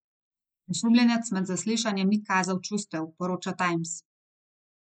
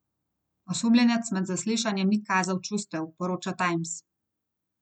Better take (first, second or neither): second